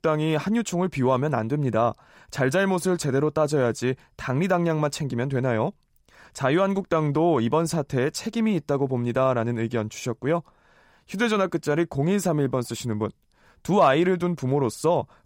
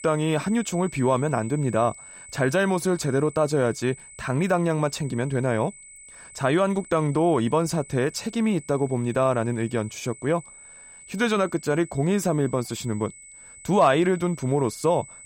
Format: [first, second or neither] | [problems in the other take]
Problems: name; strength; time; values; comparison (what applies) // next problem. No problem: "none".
first | high-pitched whine; noticeable; throughout; 8 kHz, 20 dB below the speech